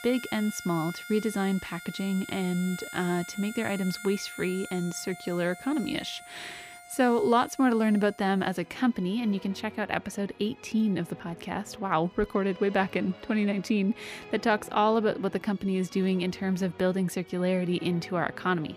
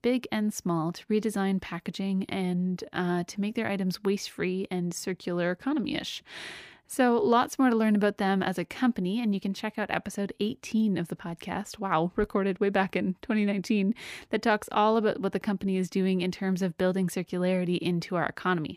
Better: second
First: background music; noticeable; throughout; 15 dB below the speech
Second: none

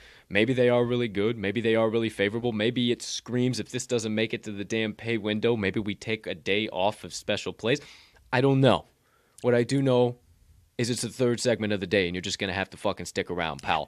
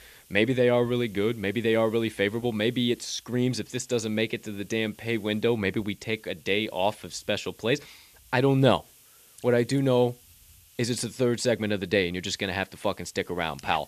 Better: first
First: none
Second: hiss; faint; throughout; 25 dB below the speech

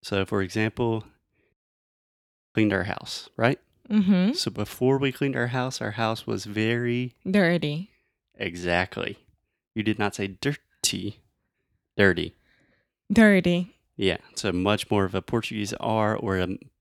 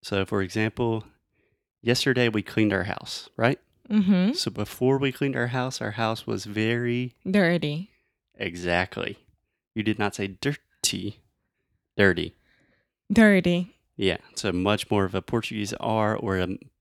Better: second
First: audio cutting out; at 1.5 s for 1 s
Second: none

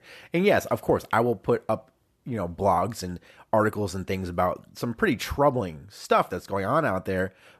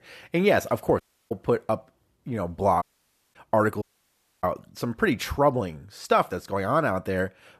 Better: first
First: none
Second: audio cutting out; at 1 s, at 3 s for 0.5 s and at 4 s for 0.5 s

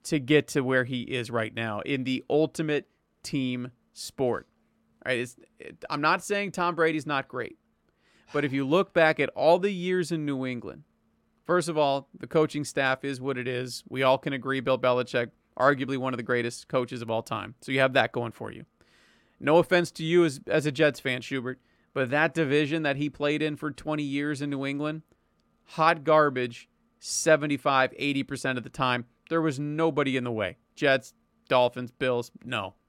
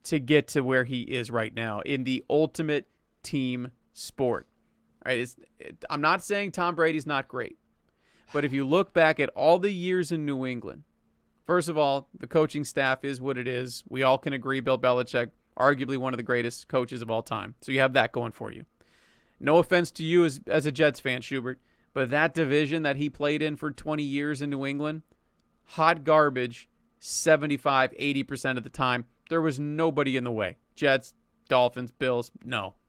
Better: first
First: none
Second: garbled, watery; slightly; nothing above 16.5 kHz

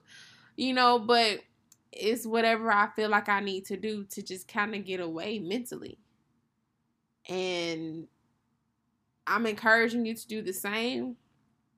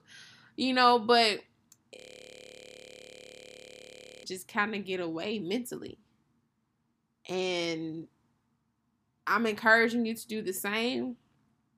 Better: first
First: none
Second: audio freezing; at 2 s for 2.5 s

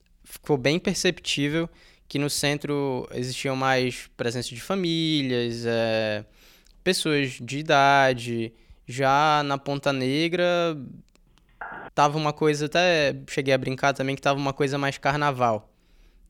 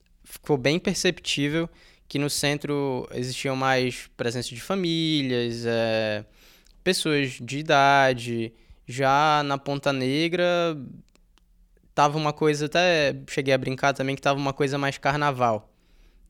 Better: second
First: phone ringing; faint; at 12 s; peak 15 dB below the speech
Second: none

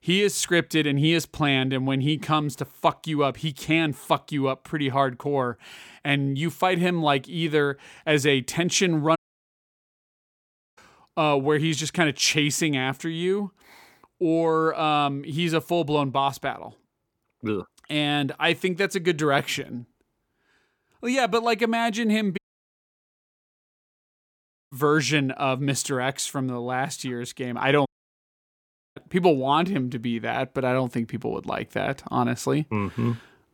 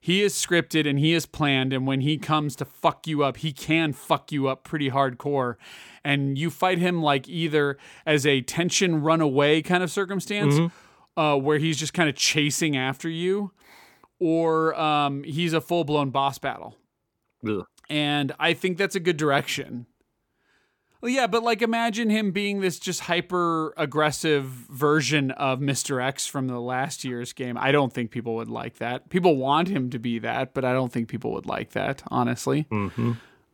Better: second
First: audio cutting out; at 9 s for 1.5 s, at 22 s for 2.5 s and at 28 s for 1 s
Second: none

